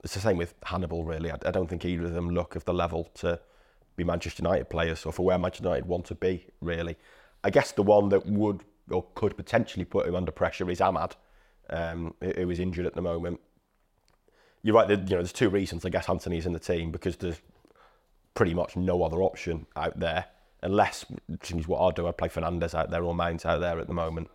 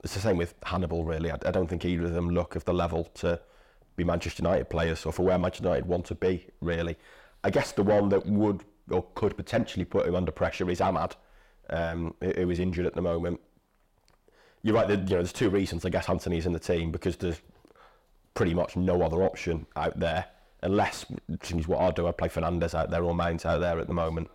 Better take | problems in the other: first | distortion; slight; 10 dB below the speech

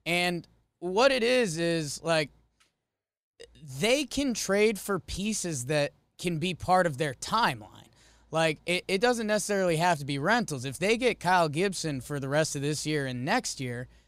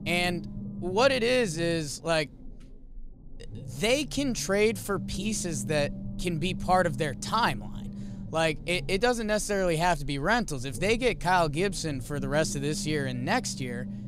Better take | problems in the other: first | low rumble; faint; throughout; 20 dB below the speech

